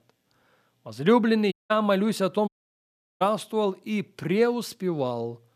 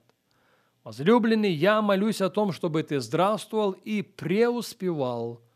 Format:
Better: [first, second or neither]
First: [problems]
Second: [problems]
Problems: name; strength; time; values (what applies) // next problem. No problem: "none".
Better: second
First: audio cutting out; at 1.5 s and at 2.5 s for 0.5 s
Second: none